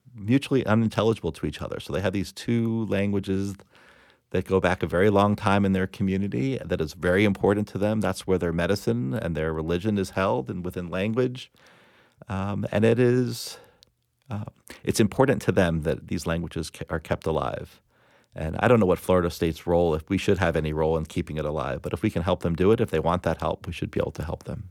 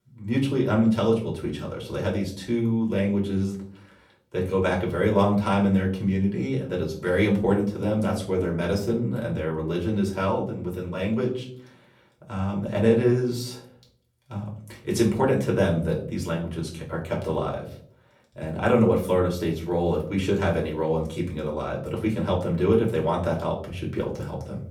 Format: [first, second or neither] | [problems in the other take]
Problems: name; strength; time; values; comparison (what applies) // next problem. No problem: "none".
first | off-mic speech; far // room echo; slight; dies away in 0.4 s